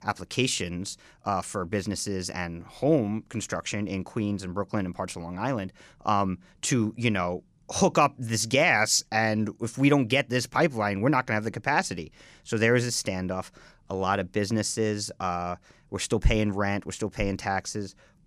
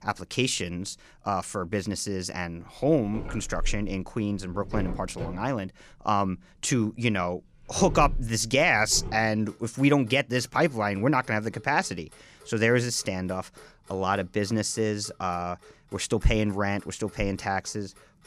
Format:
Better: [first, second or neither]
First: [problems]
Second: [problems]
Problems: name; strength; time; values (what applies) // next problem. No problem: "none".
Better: first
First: none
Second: household noises; noticeable; throughout; 15 dB below the speech